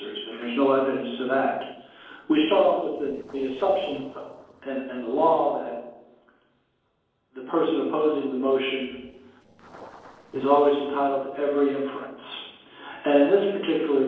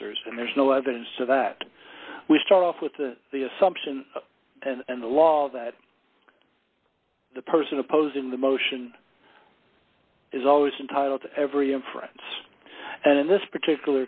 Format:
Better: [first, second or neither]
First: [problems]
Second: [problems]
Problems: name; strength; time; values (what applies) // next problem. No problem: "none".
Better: second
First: noise reduction (neural separator model SepFormer DNS4)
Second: none